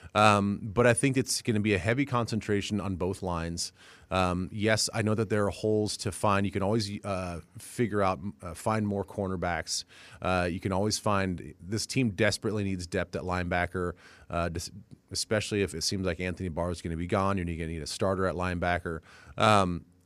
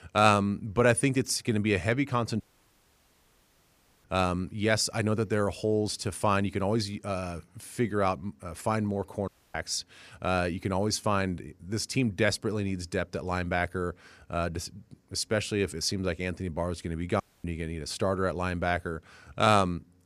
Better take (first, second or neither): first